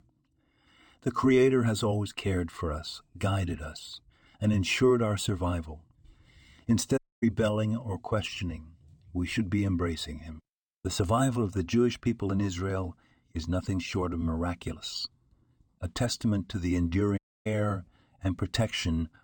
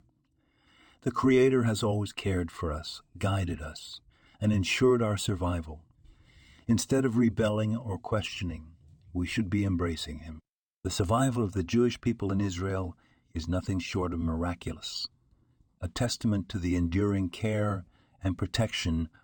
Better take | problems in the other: second | audio cutting out; at 7 s and at 17 s

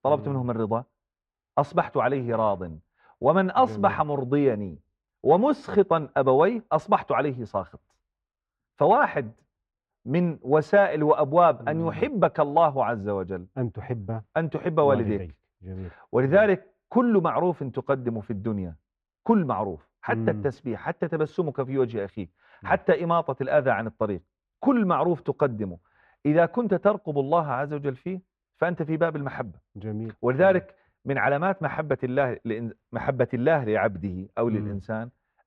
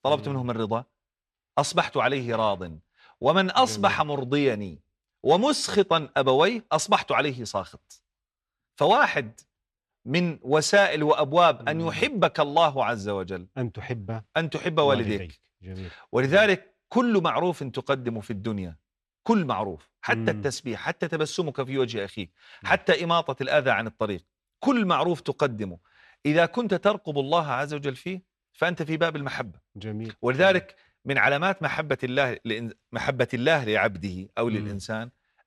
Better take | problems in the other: second | muffled; very; fading above 3 kHz

